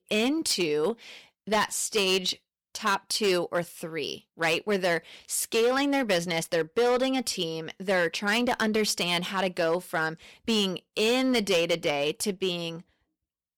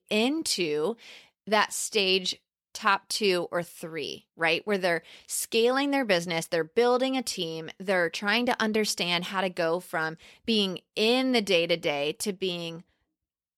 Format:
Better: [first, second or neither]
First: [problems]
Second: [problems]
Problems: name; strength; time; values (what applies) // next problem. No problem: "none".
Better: second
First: distortion; slight; 6% of the sound clipped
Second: none